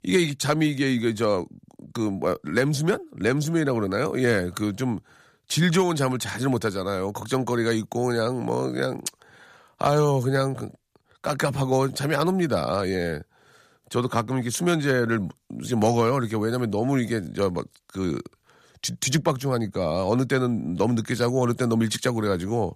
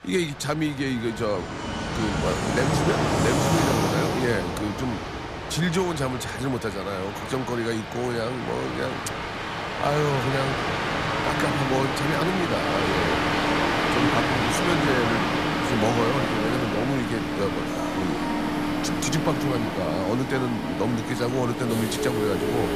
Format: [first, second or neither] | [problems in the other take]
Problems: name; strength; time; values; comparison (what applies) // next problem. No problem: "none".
first | train or aircraft noise; very loud; throughout; 1 dB above the speech